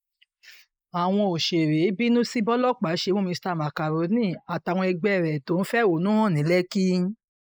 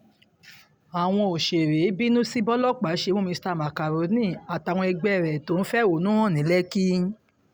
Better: second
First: noise reduction (neural mask model Resemble Enhance denoiser)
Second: none

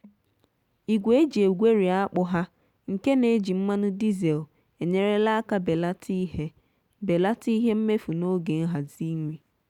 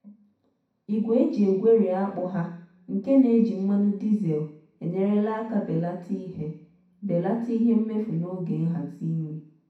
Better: first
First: none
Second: room echo; dies away in 0.6 s

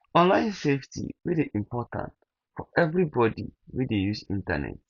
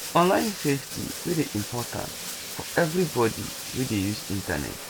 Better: first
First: none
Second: background sound (Bathtub (filling or washing)); 9 dB below the speech

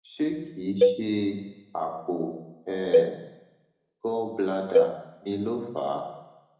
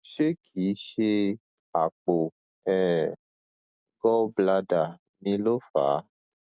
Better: second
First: background sound (Cowbell); 3 dB above the speech // room echo; dies away in 0.8 s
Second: none

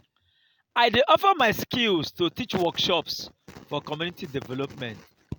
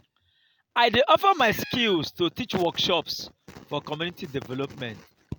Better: first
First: none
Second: background sound (Meow); 18 dB below the speech

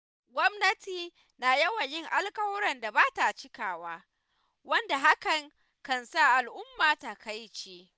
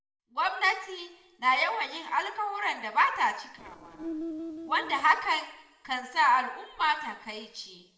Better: first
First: none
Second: noise reduction (neural separator model SepFormer DNS4)

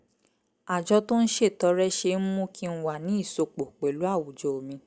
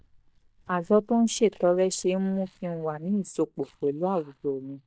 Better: first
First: none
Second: noise reduction (neural mask model DeepFilterNet 3)

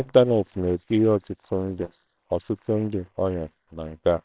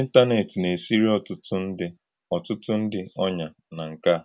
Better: second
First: noise reduction (neural separator model SepFormer WHAMR!)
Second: none

